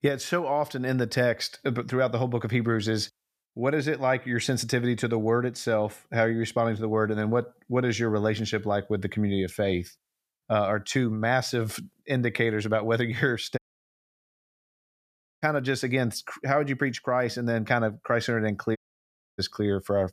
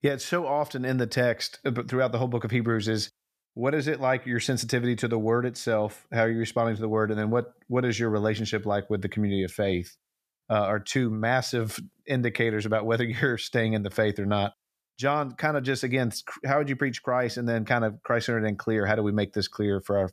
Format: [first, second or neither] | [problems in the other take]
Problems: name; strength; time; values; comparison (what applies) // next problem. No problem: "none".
second | audio cutting out; at 14 s for 2 s and at 19 s for 0.5 s